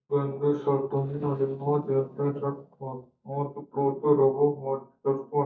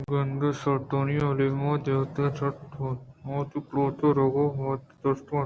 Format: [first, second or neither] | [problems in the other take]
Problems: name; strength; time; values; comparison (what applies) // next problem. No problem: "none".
second | noise reduction (neural mask model DeepFilterNet 3)